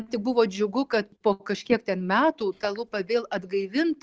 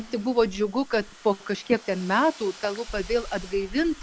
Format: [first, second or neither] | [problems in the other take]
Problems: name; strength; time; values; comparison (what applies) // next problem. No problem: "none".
first | background sound (Domestic sounds, home sounds + Insect); 16 dB below the speech